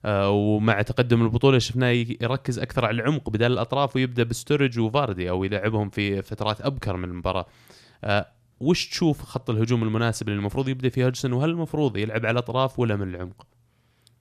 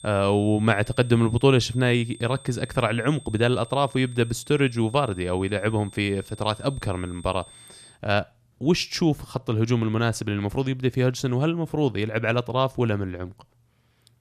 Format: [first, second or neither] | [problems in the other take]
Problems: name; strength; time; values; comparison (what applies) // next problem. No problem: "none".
first | high-pitched whine; faint; until 8 s; 8.5 kHz, 20 dB below the speech